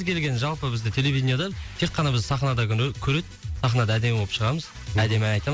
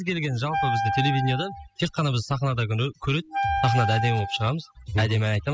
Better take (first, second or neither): first